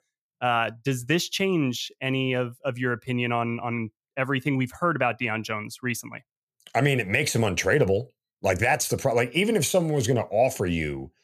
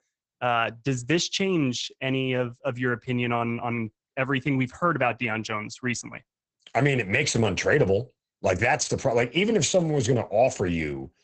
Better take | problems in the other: first | garbled, watery; badly; nothing above 8 kHz

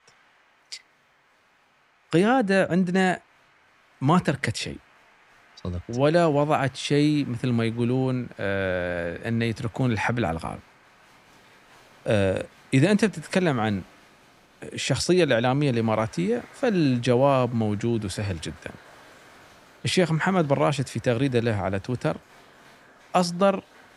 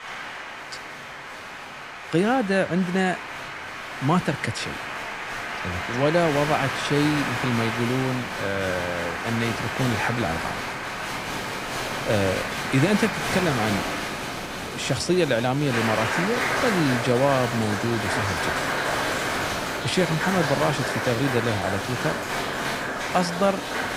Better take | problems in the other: first | crowd noise; loud; throughout; 3 dB below the speech; faint in the first

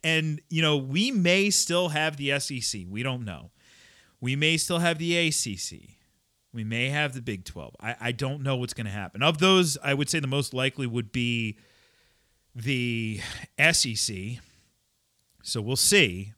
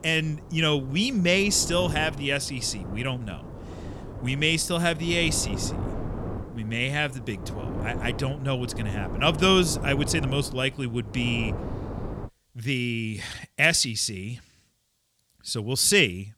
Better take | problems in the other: first | wind noise on the microphone; occasional gusts; until 12 s; 15 dB below the speech

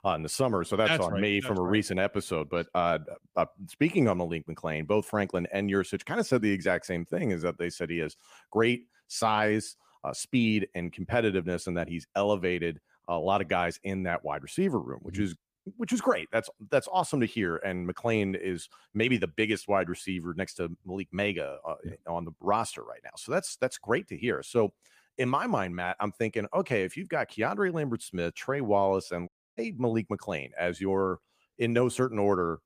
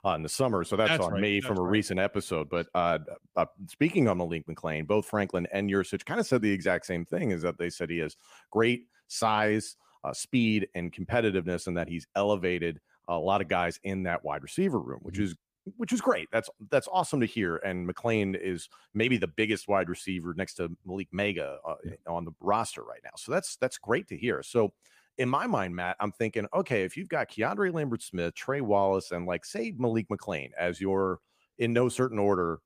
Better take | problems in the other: second | audio cutting out; at 29 s

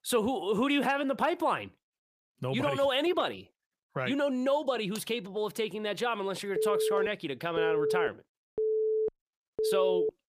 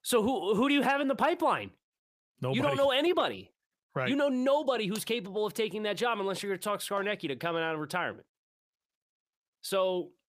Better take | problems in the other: second | phone ringing; loud; from 6.5 s on; peak 2 dB above the speech

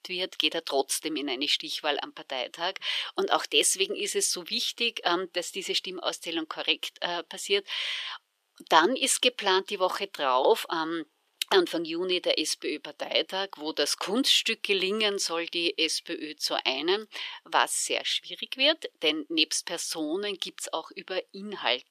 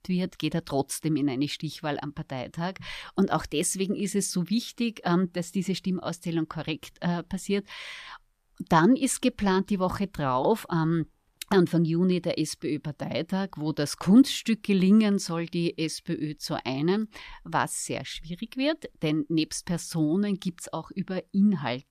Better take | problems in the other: second | thin; very; fading below 400 Hz

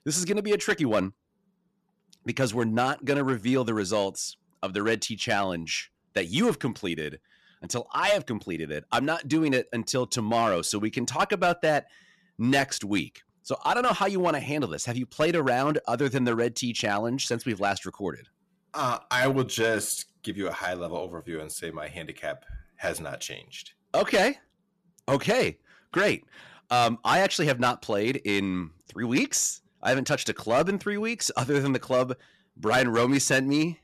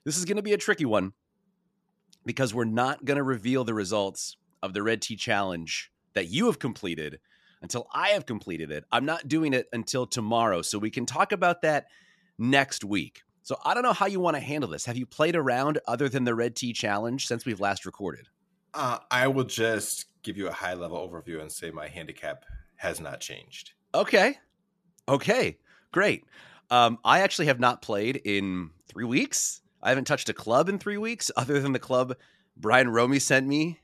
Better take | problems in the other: second | distortion; slight; 3% of the sound clipped

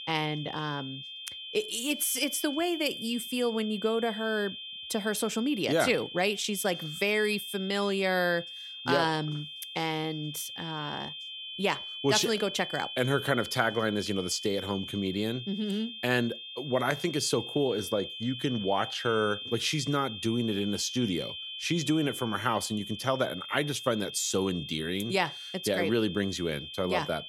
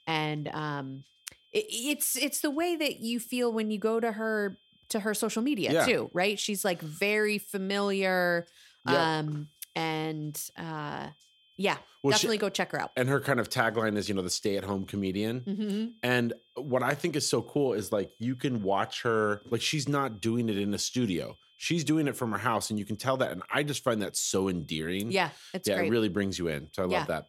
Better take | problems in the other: second | high-pitched whine; loud; throughout; 3 kHz, 8 dB below the speech; faint in the second

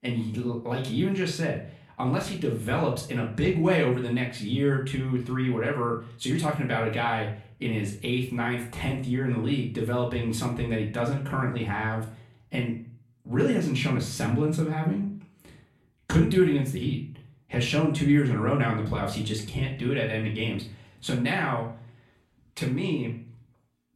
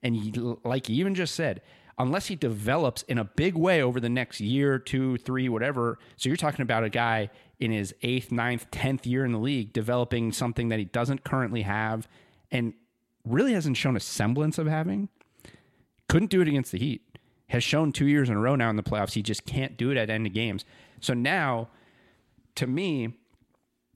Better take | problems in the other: second | off-mic speech; far // room echo; slight; dies away in 0.4 s

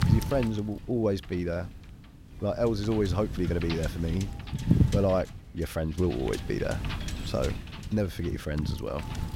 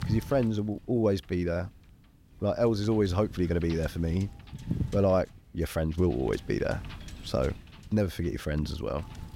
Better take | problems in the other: second | wind noise on the microphone; heavy; 8 dB below the speech; occasional gusts in the second

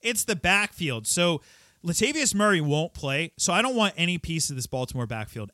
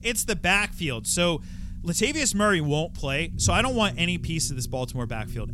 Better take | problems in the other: first | low rumble; faint; throughout; 25 dB below the speech

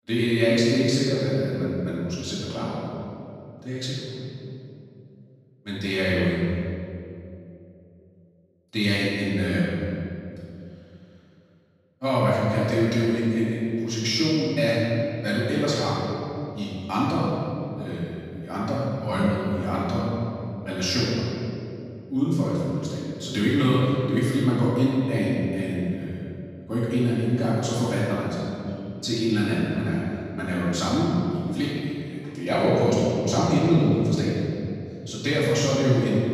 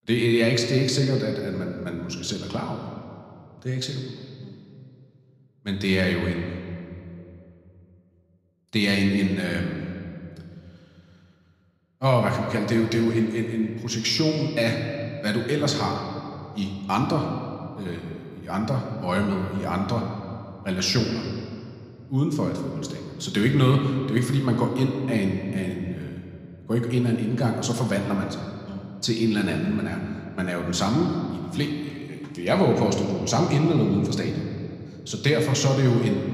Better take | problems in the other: second | room echo; strong; dies away in 2.5 s; slight in the second // off-mic speech; far

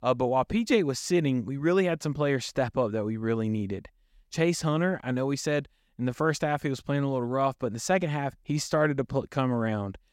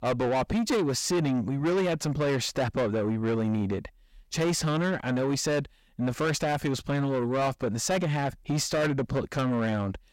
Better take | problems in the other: first | distortion; heavy; 7 dB below the speech

